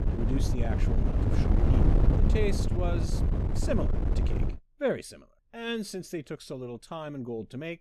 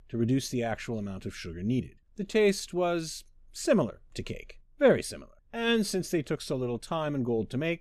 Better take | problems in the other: second | wind noise on the microphone; heavy; until 4.5 s; 2 dB below the speech

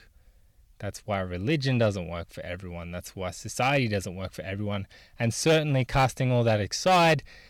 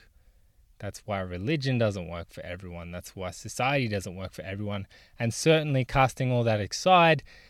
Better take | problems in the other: second | distortion; slight; 4% of the sound clipped

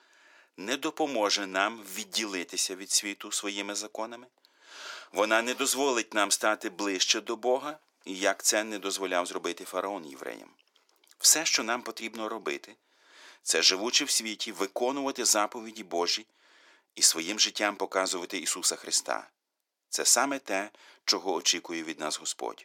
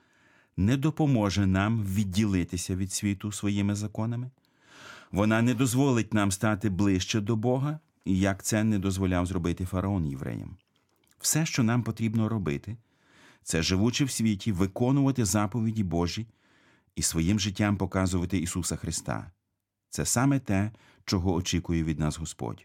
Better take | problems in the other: second | thin; very; fading below 400 Hz

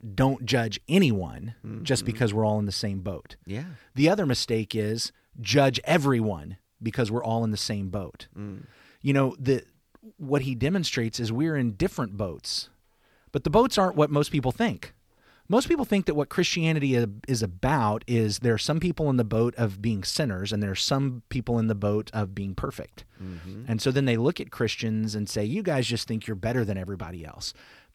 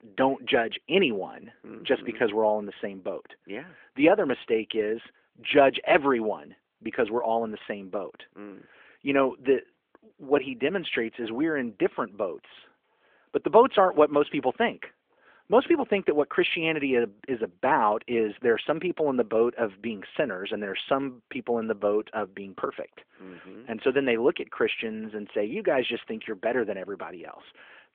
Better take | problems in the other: first | phone-call audio; nothing above 3.5 kHz

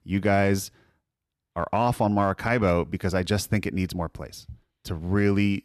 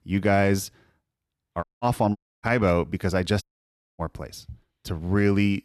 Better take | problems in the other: first | audio cutting out; at 1.5 s, at 2 s and at 3.5 s for 0.5 s

